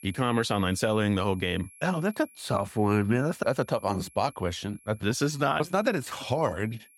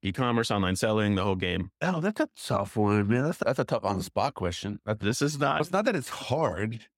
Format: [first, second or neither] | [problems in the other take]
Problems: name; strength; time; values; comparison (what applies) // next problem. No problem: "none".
second | high-pitched whine; faint; throughout; 11 kHz, 25 dB below the speech